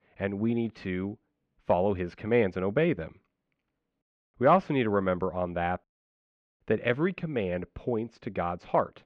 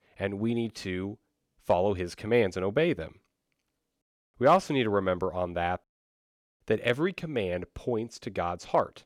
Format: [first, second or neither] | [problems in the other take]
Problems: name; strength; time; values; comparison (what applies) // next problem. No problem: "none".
second | muffled; slightly; fading above 2 kHz